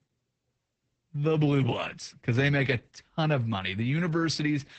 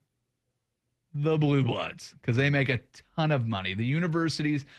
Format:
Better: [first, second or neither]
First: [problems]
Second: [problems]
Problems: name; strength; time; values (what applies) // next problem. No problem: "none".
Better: second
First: garbled, watery; badly; nothing above 8 kHz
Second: garbled, watery; slightly; nothing above 12 kHz